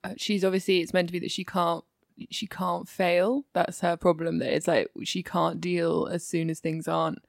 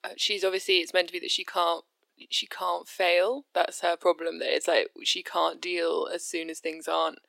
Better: first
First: none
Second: thin; very; fading below 350 Hz

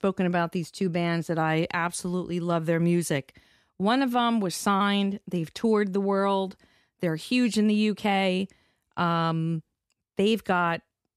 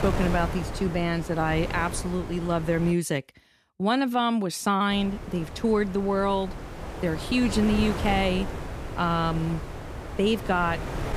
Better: first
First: none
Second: wind noise on the microphone; occasional gusts; until 3 s and from 5 s on; 10 dB below the speech

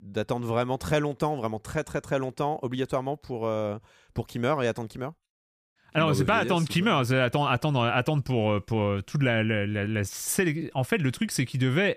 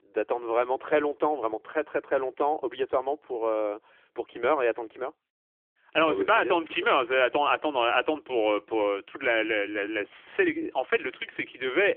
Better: first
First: none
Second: phone-call audio; nothing above 3 kHz

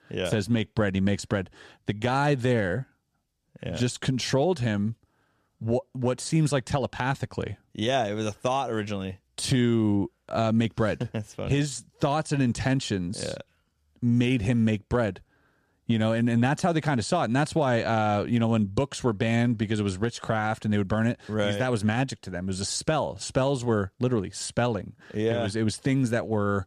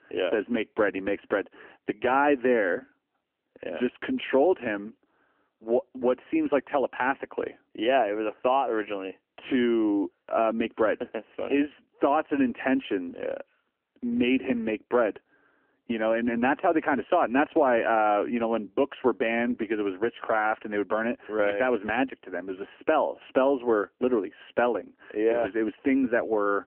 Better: first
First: none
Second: phone-call audio; nothing above 3 kHz

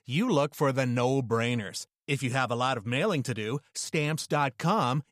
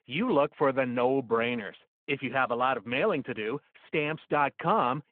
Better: first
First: none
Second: phone-call audio

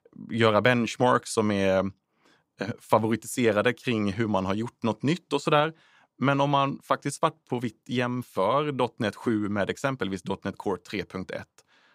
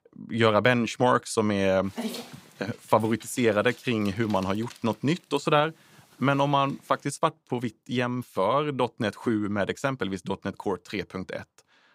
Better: first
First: none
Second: dog barking; noticeable; from 2 to 6.5 s; peak 7 dB below the speech

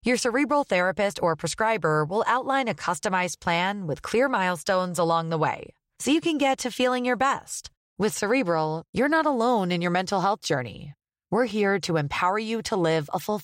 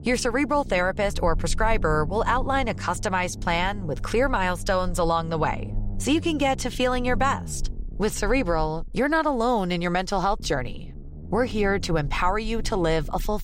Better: first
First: none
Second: low rumble; faint; throughout; 20 dB below the speech

